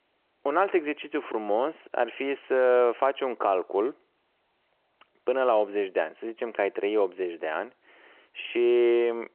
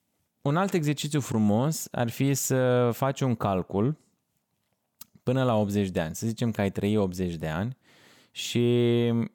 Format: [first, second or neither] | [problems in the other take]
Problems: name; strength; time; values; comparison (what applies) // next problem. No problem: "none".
second | phone-call audio